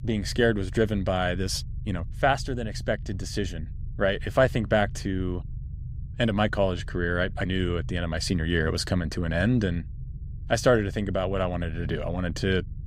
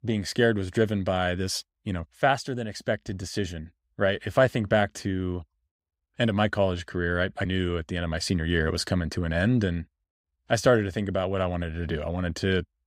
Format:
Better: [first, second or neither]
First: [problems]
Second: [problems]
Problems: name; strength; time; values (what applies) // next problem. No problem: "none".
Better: second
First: low rumble; faint; throughout; 25 dB below the speech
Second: none